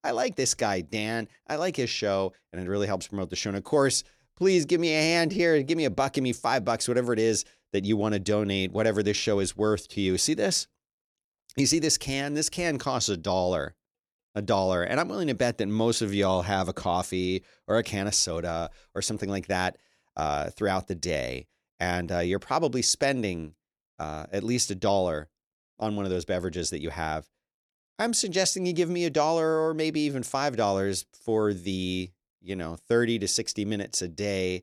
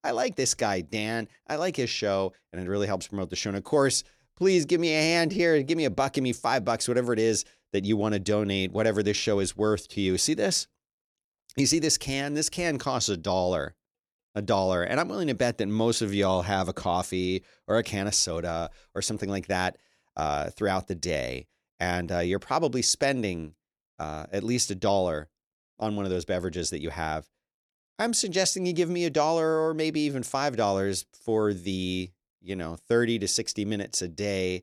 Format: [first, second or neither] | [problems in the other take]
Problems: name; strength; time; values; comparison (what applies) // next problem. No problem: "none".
neither | none